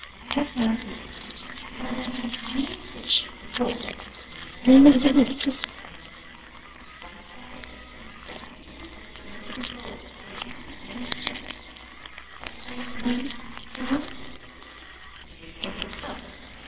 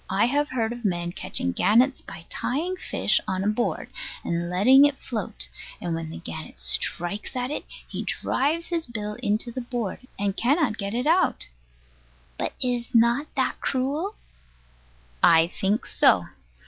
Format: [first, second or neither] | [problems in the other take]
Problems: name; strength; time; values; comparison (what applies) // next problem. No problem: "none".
second | noise reduction (neural separator model SepFormer WHAMR!)